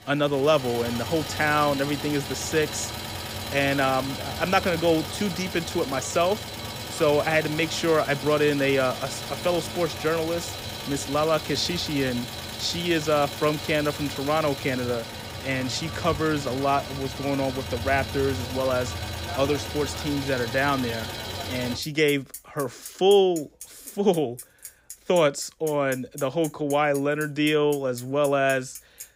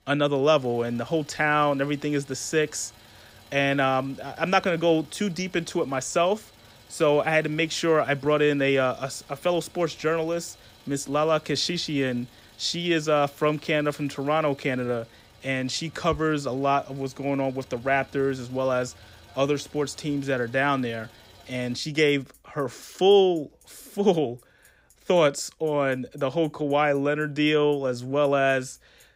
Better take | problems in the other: second | traffic noise; loud; throughout; 9 dB below the speech; faint in the second

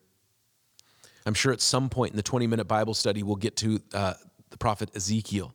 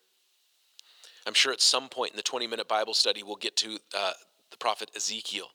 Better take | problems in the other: first | thin; very; fading below 450 Hz

